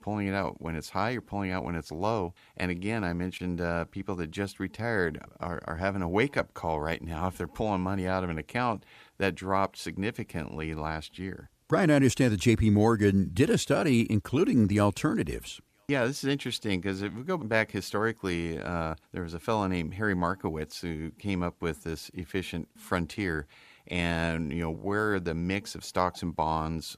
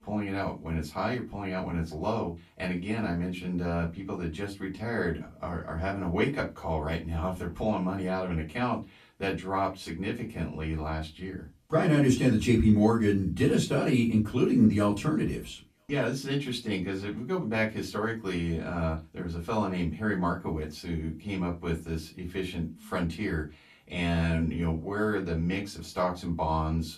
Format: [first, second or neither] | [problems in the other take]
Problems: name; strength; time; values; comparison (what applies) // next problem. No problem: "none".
first | off-mic speech; far // room echo; very slight; dies away in 0.2 s